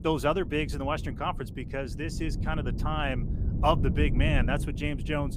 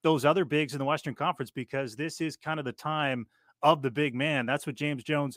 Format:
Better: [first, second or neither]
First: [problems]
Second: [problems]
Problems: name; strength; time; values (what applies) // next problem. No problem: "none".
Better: second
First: low rumble; noticeable; throughout; 15 dB below the speech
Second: none